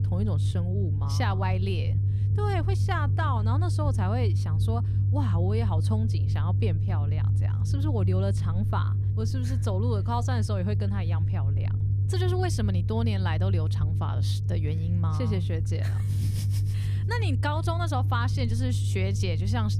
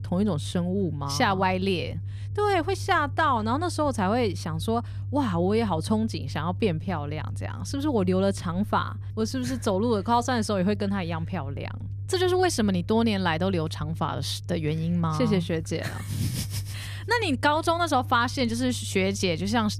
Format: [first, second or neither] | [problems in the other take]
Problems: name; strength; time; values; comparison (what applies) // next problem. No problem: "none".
second | low rumble; loud; throughout; 6 dB below the speech; faint in the second